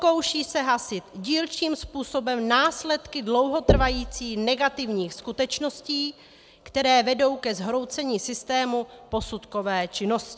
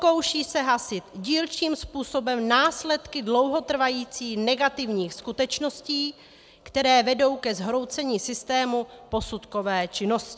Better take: second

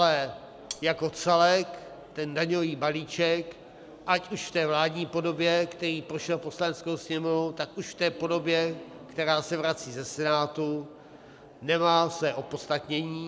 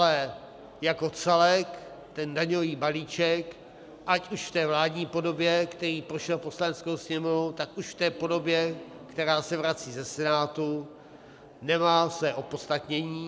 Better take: second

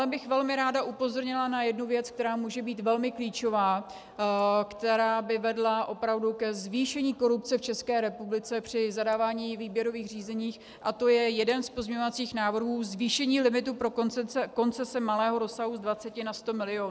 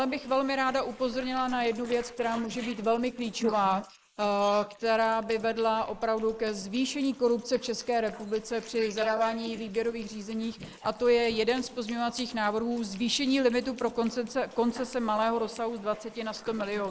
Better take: first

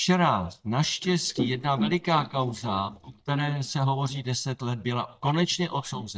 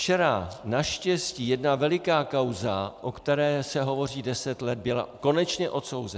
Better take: second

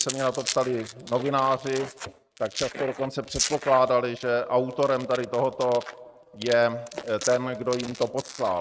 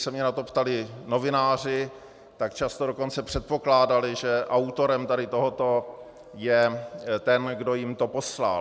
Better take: second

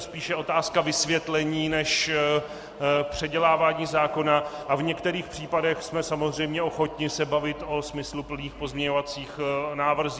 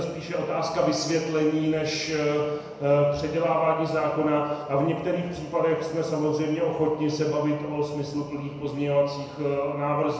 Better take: first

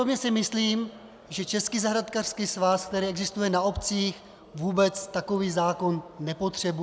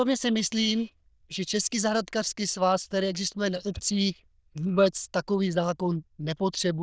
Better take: first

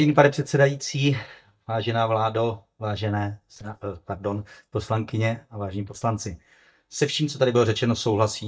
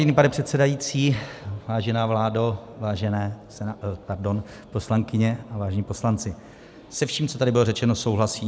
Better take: second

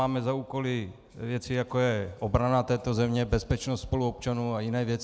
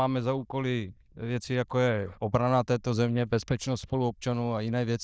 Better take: first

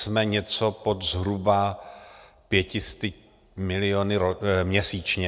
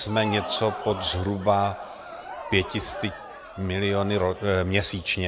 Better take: first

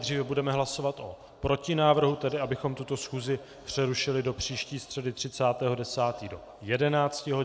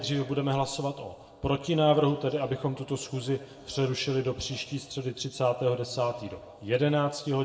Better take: first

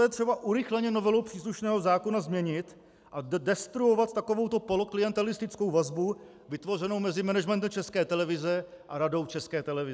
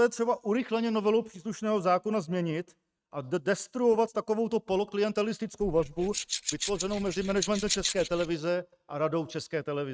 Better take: first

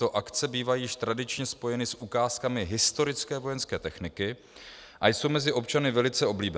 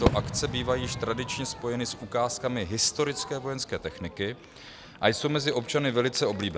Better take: first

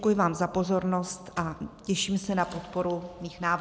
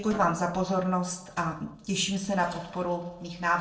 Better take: first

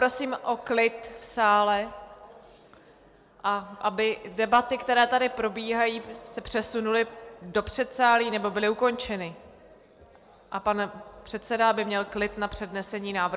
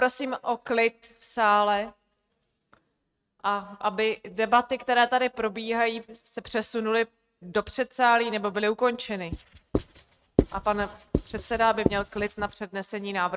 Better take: first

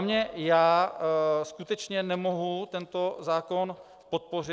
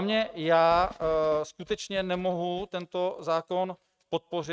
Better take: first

